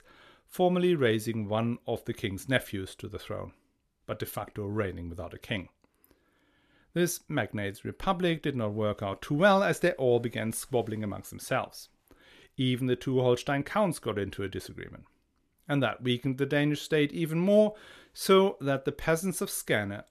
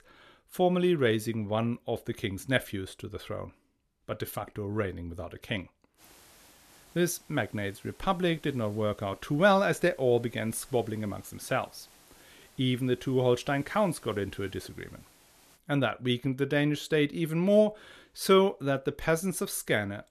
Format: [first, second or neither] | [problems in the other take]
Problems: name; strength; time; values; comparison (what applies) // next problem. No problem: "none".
first | hiss; faint; from 6 to 16 s; 25 dB below the speech